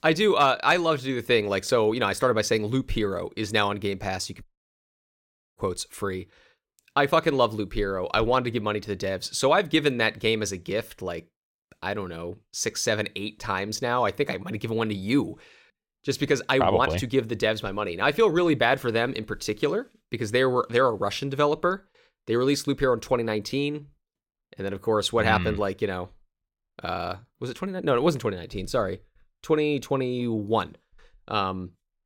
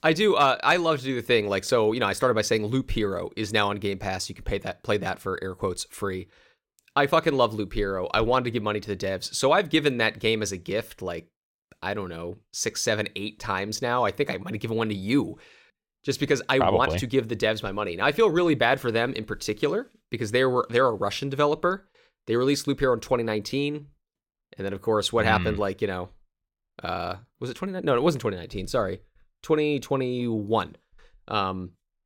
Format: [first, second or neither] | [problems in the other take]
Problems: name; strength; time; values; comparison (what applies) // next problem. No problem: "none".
second | audio cutting out; at 4.5 s for 1 s